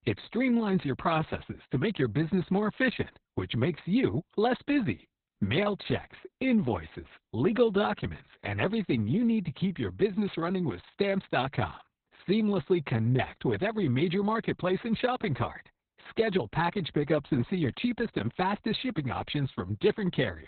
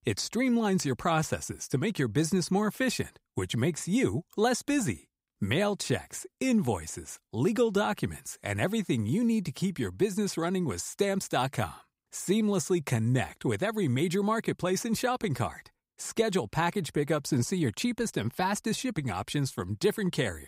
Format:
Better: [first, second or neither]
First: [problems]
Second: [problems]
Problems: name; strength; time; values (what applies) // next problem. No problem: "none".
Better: second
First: garbled, watery; badly; nothing above 4 kHz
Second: none